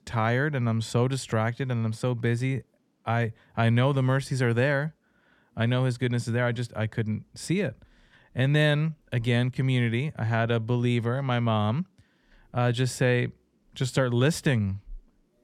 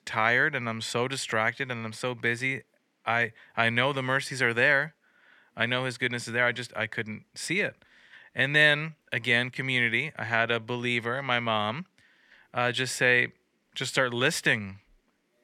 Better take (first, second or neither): first